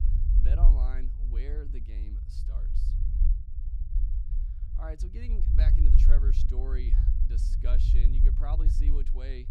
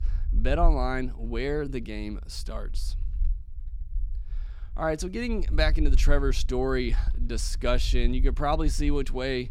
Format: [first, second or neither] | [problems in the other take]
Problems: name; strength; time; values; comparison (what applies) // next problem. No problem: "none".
second | low rumble; loud; throughout; 3 dB below the speech; faint in the second